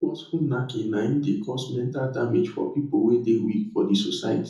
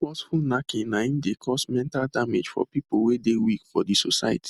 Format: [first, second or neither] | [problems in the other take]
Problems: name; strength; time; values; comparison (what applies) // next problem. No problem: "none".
second | room echo; dies away in 0.8 s